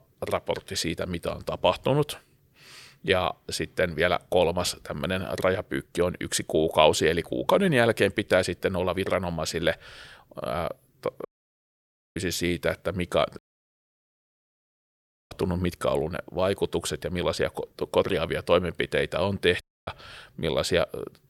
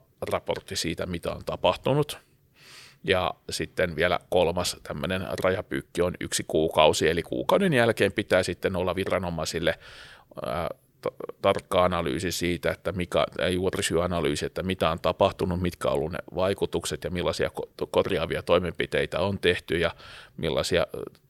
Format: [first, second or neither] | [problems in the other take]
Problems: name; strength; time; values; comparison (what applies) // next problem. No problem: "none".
second | audio cutting out; at 11 s for 1 s, at 13 s for 2 s and at 20 s